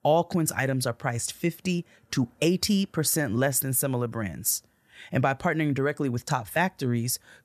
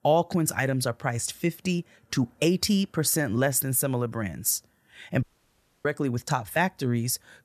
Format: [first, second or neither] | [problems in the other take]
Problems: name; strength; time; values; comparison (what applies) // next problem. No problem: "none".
first | audio cutting out; at 5 s for 0.5 s